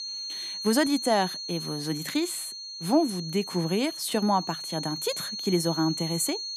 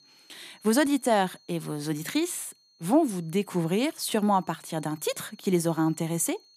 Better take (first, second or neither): second